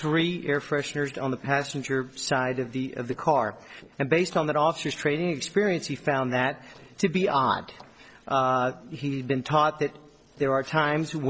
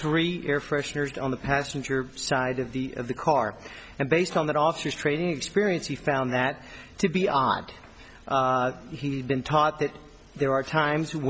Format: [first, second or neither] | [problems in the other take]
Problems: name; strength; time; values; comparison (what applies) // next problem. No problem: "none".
second | noise reduction (neural separator model SepFormer DNS4)